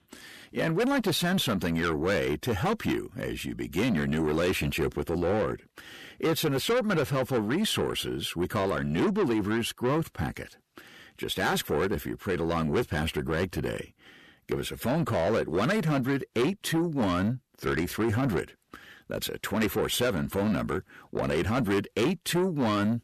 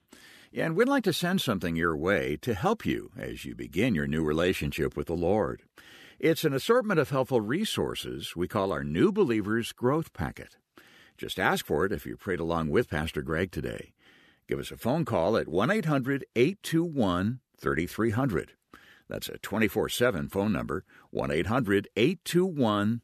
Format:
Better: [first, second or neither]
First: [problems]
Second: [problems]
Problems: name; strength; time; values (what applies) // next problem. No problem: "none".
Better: second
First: distortion; heavy; 8 dB below the speech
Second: none